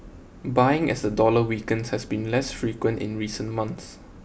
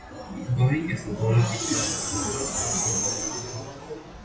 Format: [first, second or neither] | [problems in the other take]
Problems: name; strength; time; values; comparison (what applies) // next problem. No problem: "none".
first | noise reduction (classical method WPE with log-MMSE)